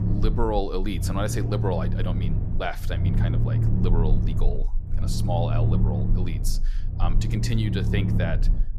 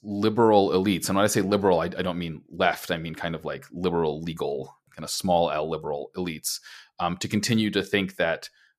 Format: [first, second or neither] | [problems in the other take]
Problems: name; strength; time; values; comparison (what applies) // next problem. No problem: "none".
second | low rumble; loud; throughout; 5 dB below the speech